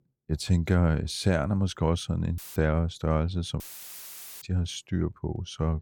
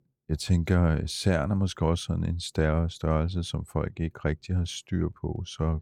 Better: second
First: audio cutting out; filled with static; at 2.5 s and at 3.5 s for 1 s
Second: none

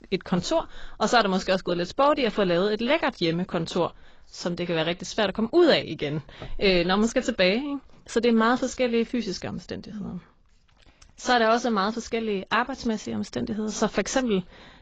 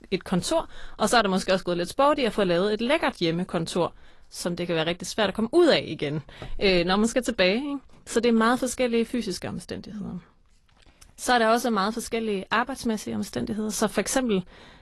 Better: second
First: garbled, watery; badly; nothing above 7.5 kHz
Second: garbled, watery; slightly; nothing above 11.5 kHz

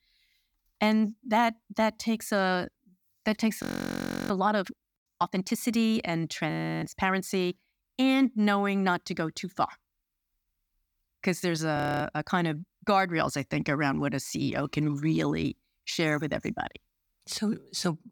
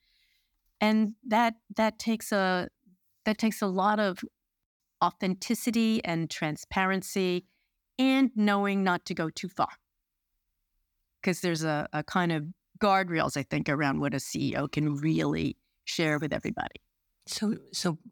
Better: second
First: audio freezing; at 3.5 s for 0.5 s, at 6.5 s and at 12 s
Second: none

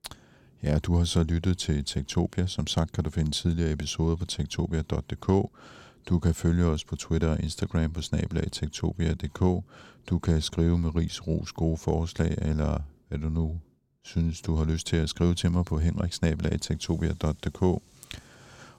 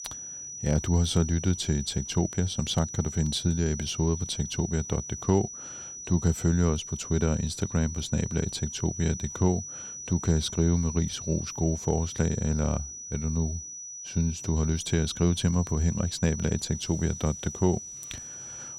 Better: first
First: none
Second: high-pitched whine; loud; throughout; 6 kHz, 9 dB below the speech

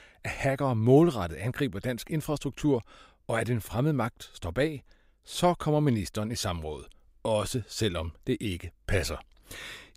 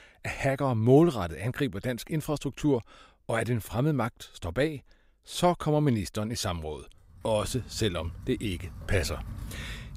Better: first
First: none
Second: household noises; noticeable; from 7.5 s on; 15 dB below the speech

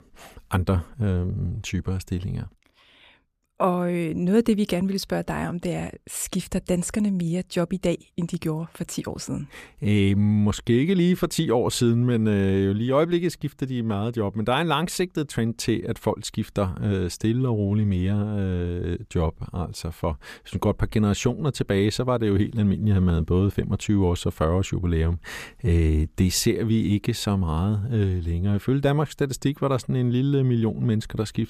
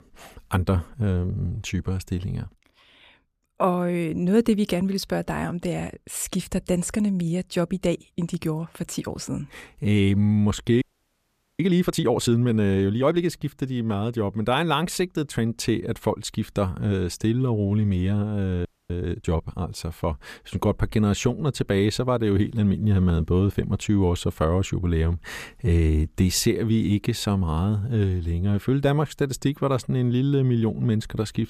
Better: first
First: none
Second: audio freezing; at 11 s for 1 s and at 19 s

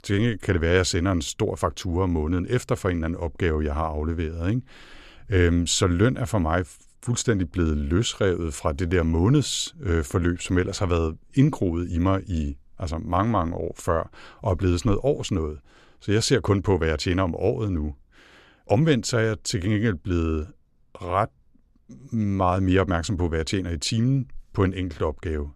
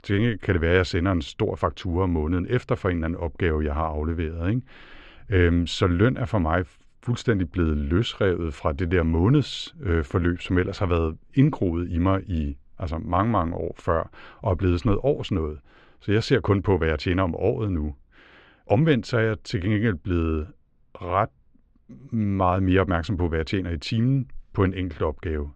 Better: first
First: none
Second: muffled; slightly; fading above 2.5 kHz

